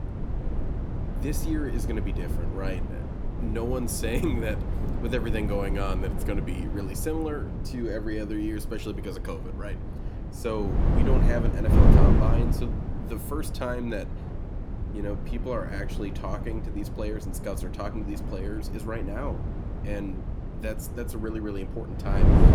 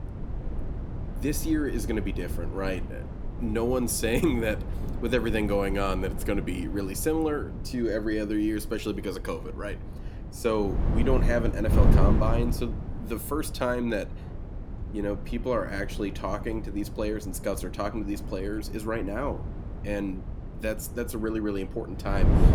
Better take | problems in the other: second | wind noise on the microphone; heavy; 3 dB below the speech; occasional gusts in the second

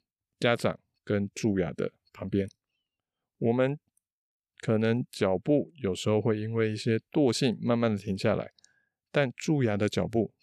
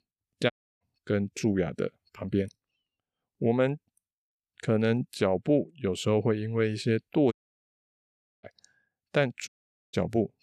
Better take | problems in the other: first | audio cutting out; at 0.5 s, at 7.5 s for 1 s and at 9.5 s

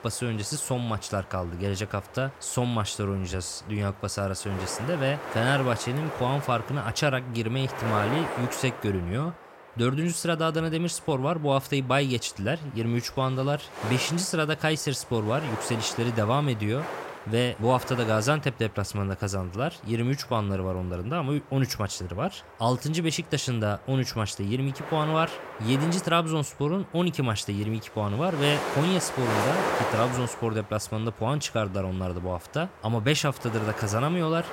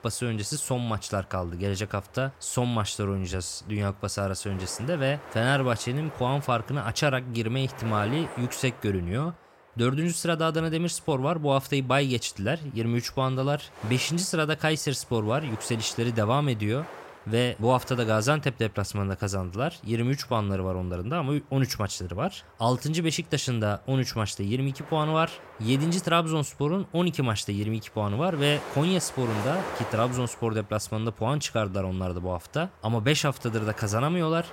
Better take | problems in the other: second | wind noise on the microphone; heavy; 5 dB below the speech; occasional gusts in the second

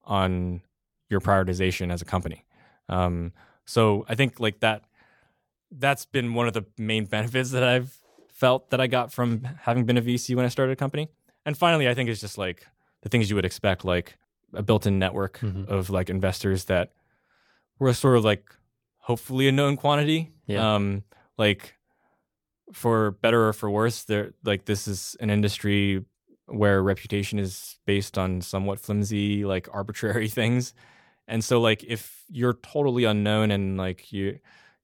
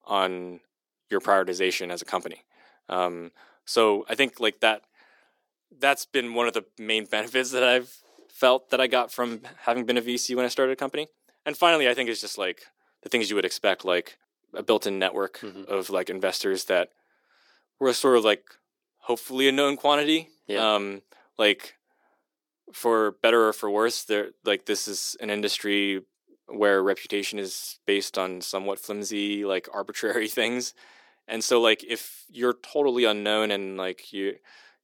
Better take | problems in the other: first | thin; somewhat; fading below 300 Hz

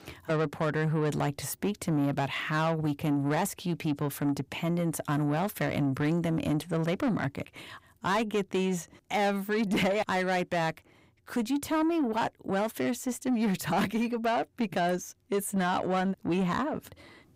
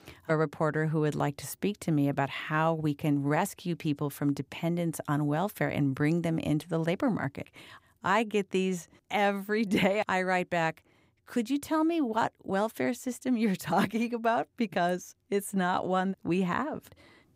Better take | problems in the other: second | distortion; slight; 10 dB below the speech

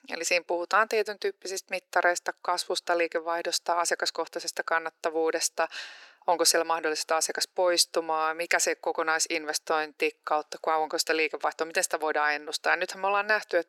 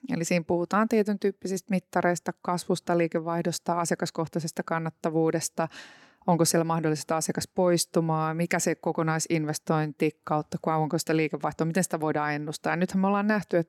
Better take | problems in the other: second | thin; very; fading below 450 Hz

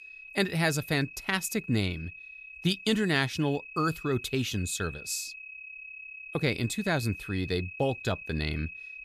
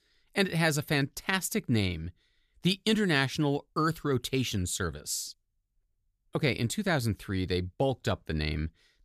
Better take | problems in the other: second | high-pitched whine; noticeable; throughout; 2.5 kHz, 10 dB below the speech

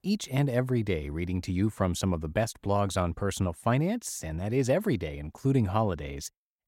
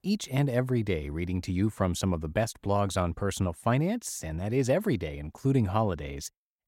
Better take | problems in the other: neither | none

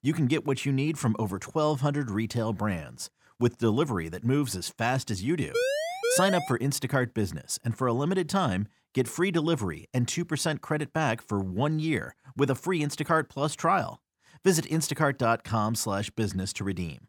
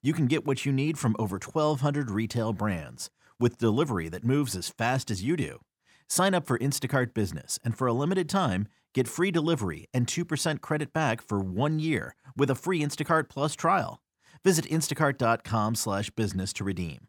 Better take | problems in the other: second | siren; loud; at 5.5 s; peak level with the speech

